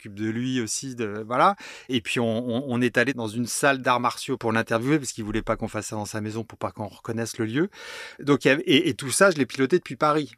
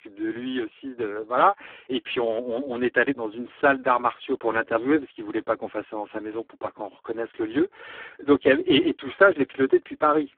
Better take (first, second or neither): first